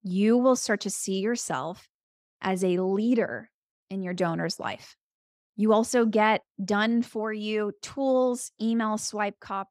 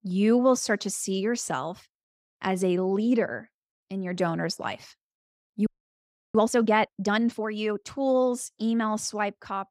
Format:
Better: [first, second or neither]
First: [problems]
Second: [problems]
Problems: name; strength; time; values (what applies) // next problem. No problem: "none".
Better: first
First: none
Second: audio freezing; at 5.5 s for 0.5 s